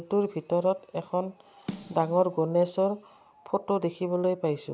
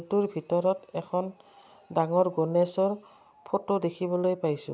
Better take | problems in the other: second | background sound (Snare drum); 17 dB below the speech

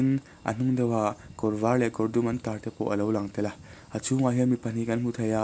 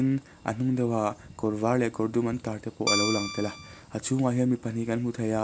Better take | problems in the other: first | background sound (Guitar); 3 dB below the speech

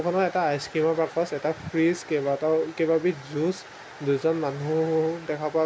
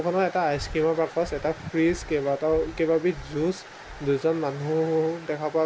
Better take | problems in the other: first | background sound (Breathing); 17 dB below the speech

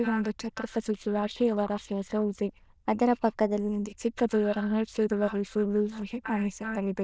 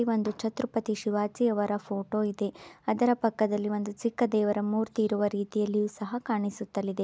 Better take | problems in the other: second | noise reduction (neural diffusion model UNIVERSE++)

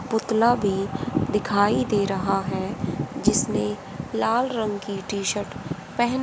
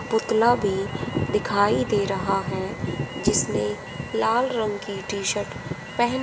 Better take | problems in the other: first | background sound (Alarm); 17 dB below the speech // room echo; dies away in 1 s

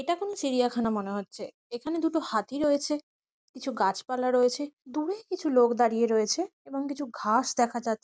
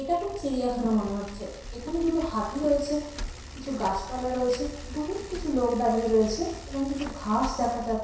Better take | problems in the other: first | background sound (Bicycle); 12 dB below the speech // room echo; dies away in 0.7 s

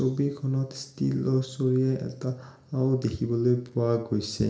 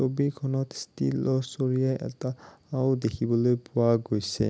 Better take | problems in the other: second | room echo; dies away in 1.6 s

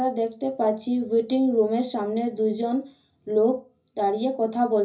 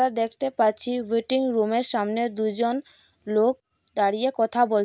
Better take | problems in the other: second | room echo; dies away in 0.5 s

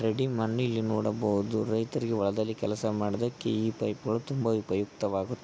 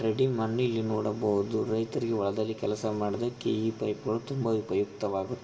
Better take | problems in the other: first | room echo; dies away in 1 s

